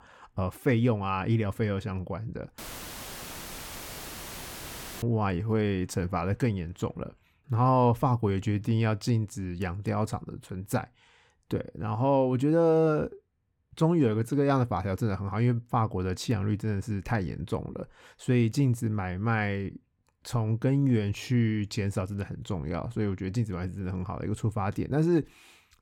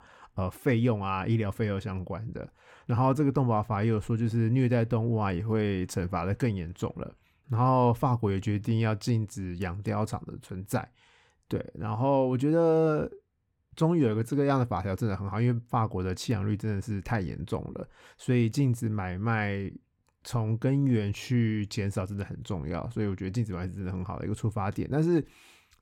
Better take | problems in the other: second | audio cutting out; filled with static; at 2.5 s for 2.5 s

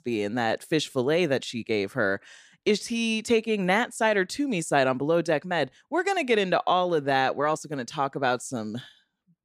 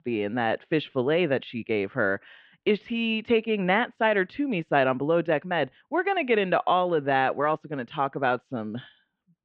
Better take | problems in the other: first | muffled; very; fading above 3 kHz

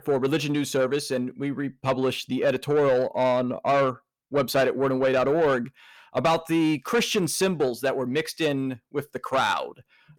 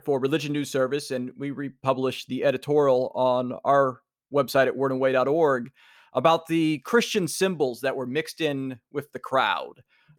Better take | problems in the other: second | distortion; slight; 10 dB below the speech

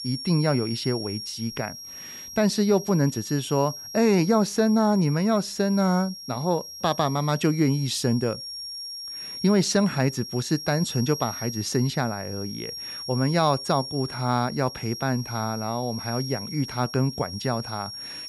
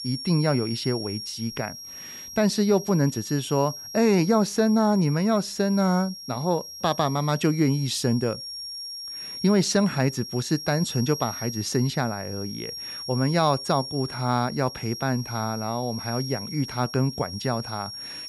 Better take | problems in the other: neither | high-pitched whine; loud; throughout; 5.5 kHz, 10 dB below the speech; the same in both

